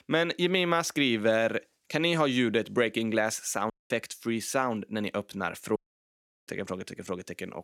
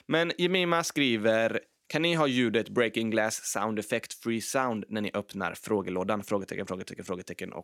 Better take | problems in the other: second | audio cutting out; at 3.5 s and at 6 s for 0.5 s

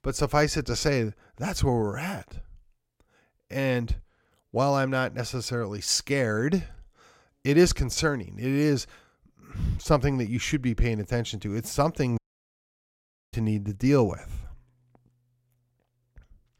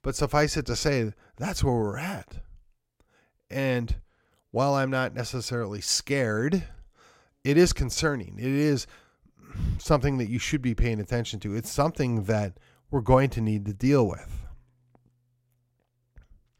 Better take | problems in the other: second | audio cutting out; at 12 s for 1 s

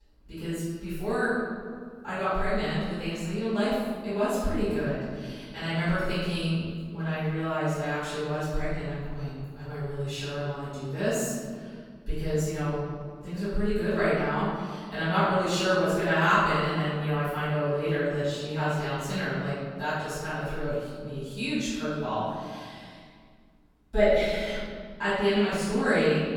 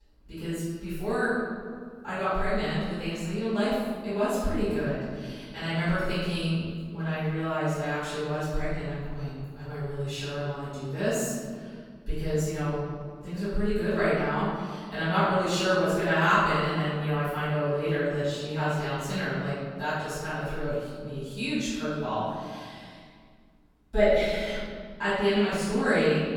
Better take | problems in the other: neither | room echo; strong; dies away in 1.9 s; the same in both // off-mic speech; far; the same in both

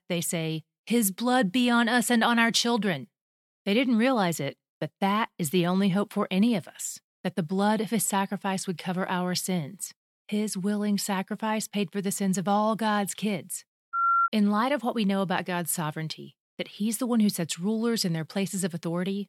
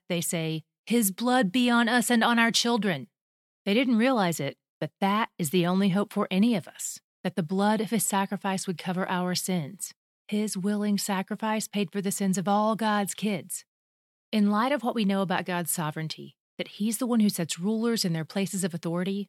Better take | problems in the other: second | phone ringing; loud; at 14 s; peak 4 dB above the speech

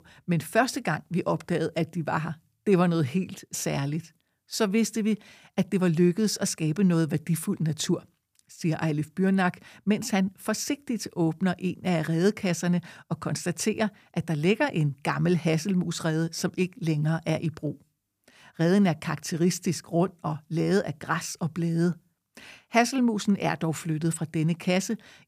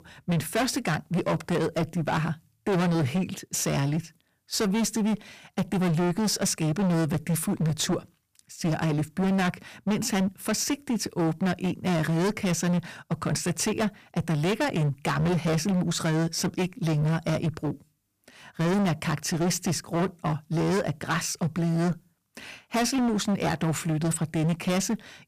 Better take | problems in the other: first | distortion; heavy; 21% of the sound clipped

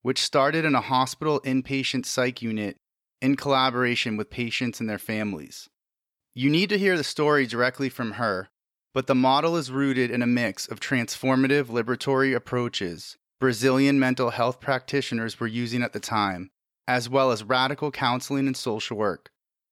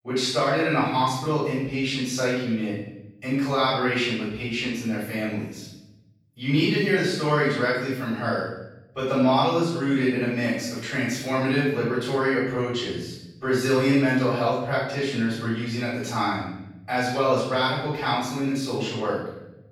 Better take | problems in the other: first | off-mic speech; far // room echo; strong; dies away in 0.9 s

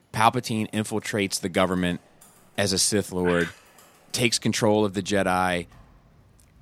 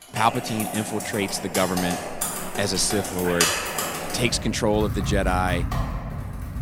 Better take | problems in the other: first | household noises; loud; throughout; 3 dB below the speech; faint in the first

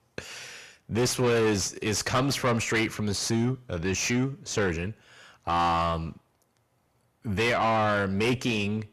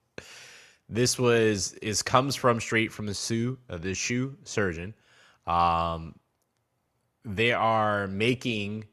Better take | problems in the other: second | distortion; heavy; 7 dB below the speech

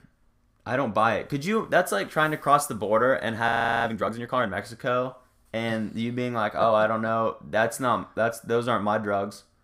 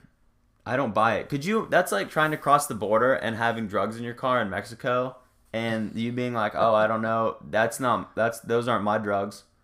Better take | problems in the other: second | audio freezing; at 3.5 s

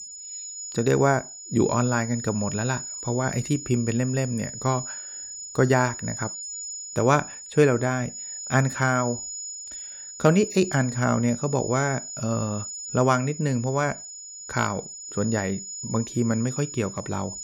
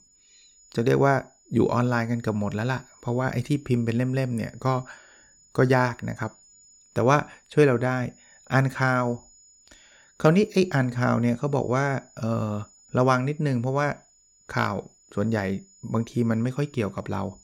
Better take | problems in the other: second | high-pitched whine; loud; throughout; 7 kHz, 9 dB below the speech; faint in the second

